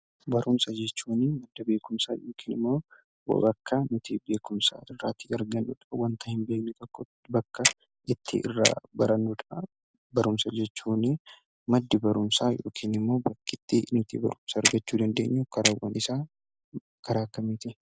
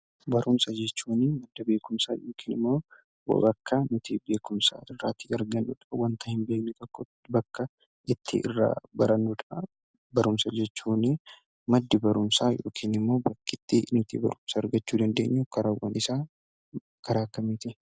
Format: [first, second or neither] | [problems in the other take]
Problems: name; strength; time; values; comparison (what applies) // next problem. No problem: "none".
second | background sound (Clock); 3 dB below the speech